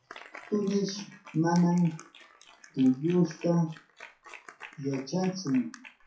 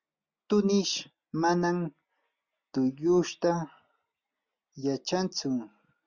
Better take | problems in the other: second | noise reduction (classical method WPE with log-MMSE)

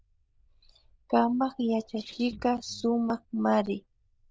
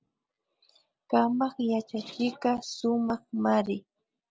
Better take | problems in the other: second | noise reduction (neural diffusion model UNIVERSE++)

